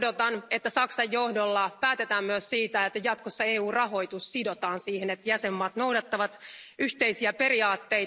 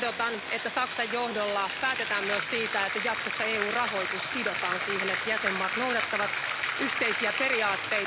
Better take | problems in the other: first | background sound (Bathtub (filling or washing)); 1 dB below the speech

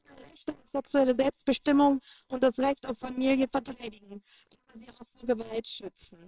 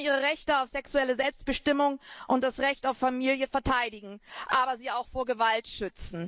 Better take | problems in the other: second | noise reduction (neural separator model SepFormer WHAMR!)

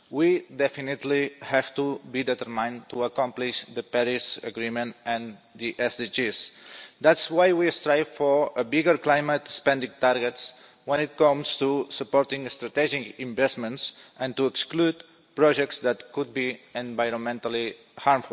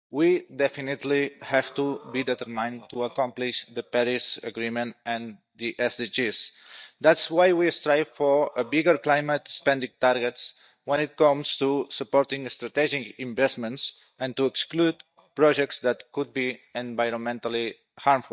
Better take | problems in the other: first | noise reduction (neural mask model DeepFilterNet 3)

